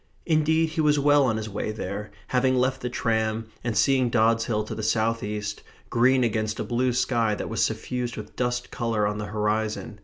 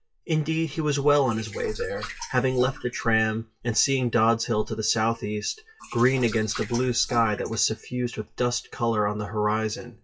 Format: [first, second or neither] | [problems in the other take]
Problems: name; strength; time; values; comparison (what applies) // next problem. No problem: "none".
first | noise reduction (classical method WPE with log-MMSE)